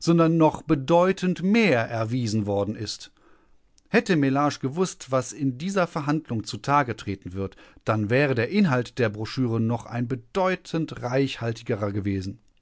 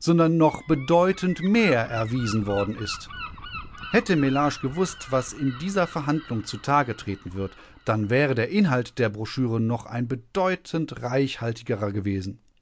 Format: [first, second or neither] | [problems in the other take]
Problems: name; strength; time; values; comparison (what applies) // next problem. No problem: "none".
first | background sound (Gull, seagull); 18 dB below the speech